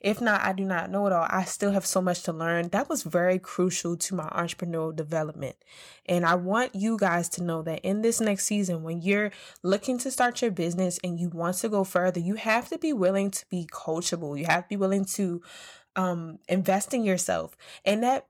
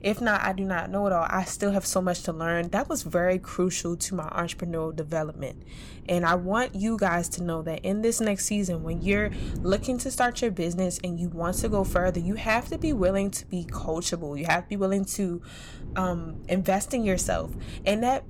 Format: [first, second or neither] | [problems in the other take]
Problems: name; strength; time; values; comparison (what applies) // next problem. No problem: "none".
first | wind noise on the microphone; occasional gusts; 20 dB below the speech